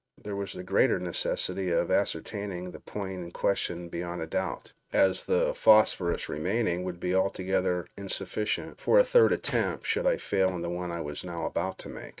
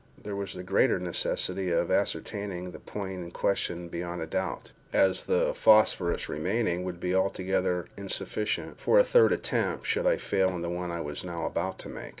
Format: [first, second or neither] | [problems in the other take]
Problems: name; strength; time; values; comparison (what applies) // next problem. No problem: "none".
second | noise reduction (neural mask model RNNoise)